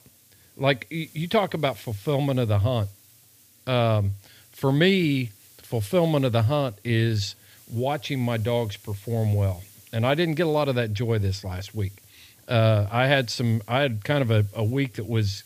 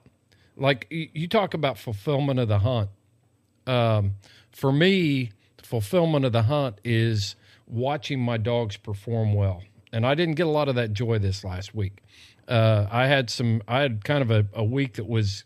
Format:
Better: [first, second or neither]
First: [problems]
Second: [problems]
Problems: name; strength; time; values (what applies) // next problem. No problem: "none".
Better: second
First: hiss; faint; throughout; 25 dB below the speech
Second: none